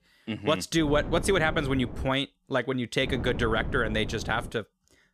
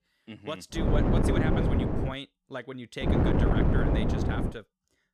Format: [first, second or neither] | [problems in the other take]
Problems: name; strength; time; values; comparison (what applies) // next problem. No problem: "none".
first | wind noise on the microphone; heavy; from 1 to 2 s and from 3 to 4.5 s; 5 dB above the speech; occasional gusts in the first